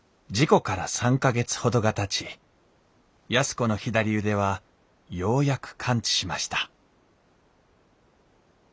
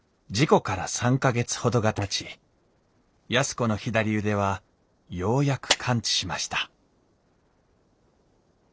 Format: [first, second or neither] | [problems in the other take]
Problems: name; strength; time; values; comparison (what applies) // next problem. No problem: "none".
first | noise reduction (neural separator model SepFormer DNS4)